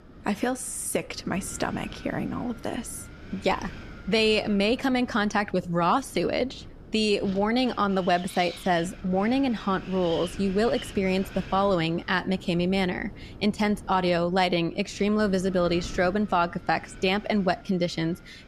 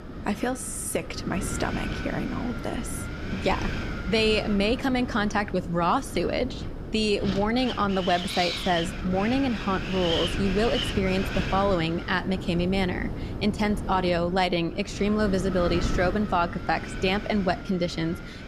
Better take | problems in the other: first | wind noise on the microphone; heavy; 8 dB below the speech; occasional gusts in the first

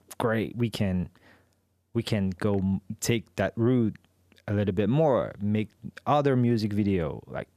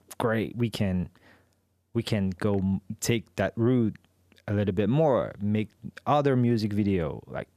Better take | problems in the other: neither | none

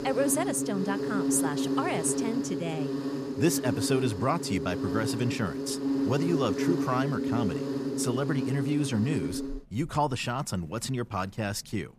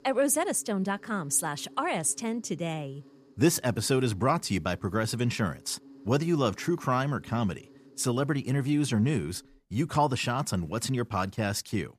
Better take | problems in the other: second | animal sounds; loud; throughout; 1 dB below the speech; faint in the second

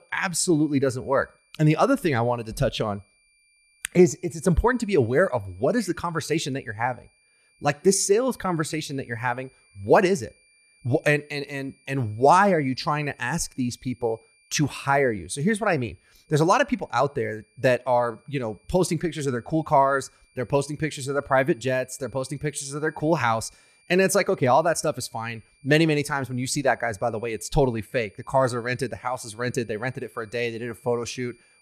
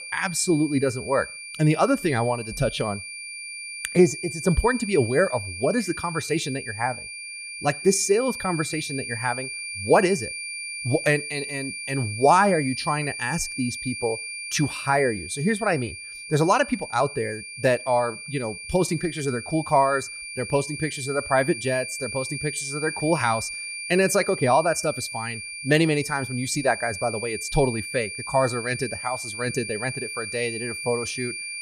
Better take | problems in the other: first | high-pitched whine; loud; throughout; 2.5 kHz, 8 dB below the speech; faint in the first

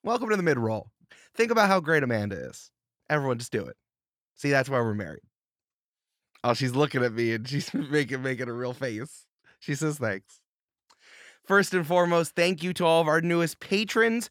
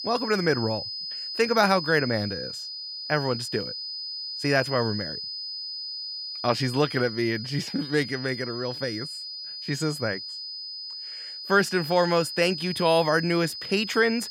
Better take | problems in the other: first | high-pitched whine; loud; throughout; 5 kHz, 7 dB below the speech

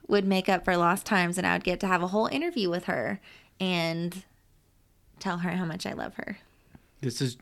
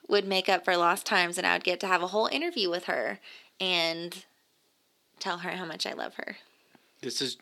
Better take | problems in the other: first | thin; somewhat; fading below 400 Hz

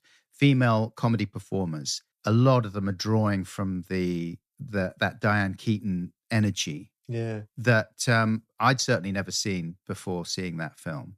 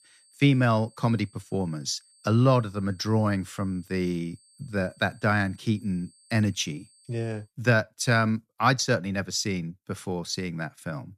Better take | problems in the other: first | high-pitched whine; faint; until 7.5 s; 8.5 kHz, 30 dB below the speech

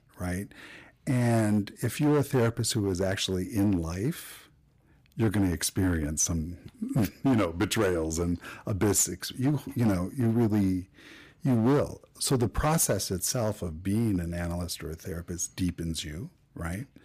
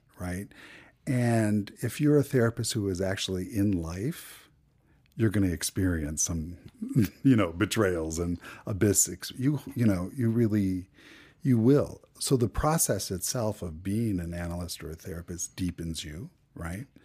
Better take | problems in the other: second | distortion; slight; 6% of the sound clipped

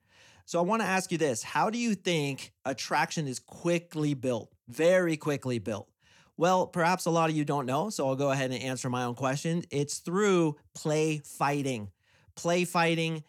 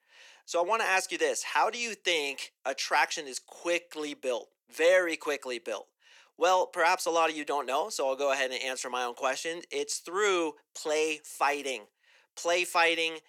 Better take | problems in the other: first | thin; very; fading below 400 Hz

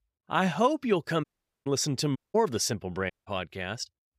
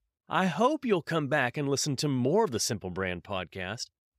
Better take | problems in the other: second | audio cutting out; at 1 s, at 2 s and at 3 s

